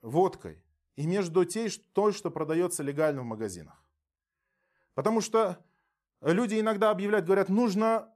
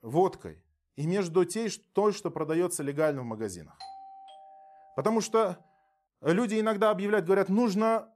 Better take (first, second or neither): first